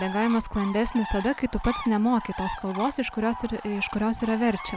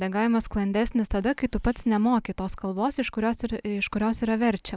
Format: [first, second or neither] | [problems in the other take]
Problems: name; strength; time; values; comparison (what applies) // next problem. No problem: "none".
second | background sound (Bird); 11 dB below the speech